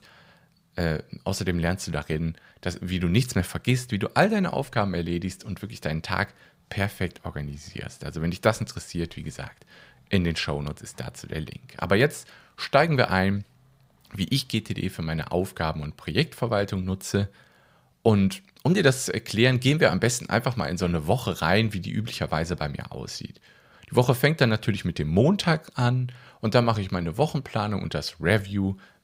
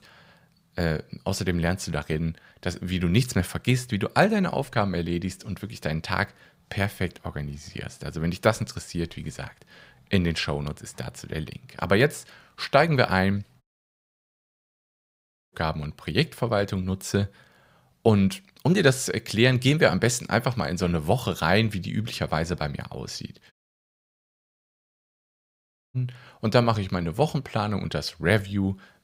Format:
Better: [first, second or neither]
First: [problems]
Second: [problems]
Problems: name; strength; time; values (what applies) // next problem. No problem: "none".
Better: first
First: none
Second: audio cutting out; at 14 s for 2 s and at 24 s for 2.5 s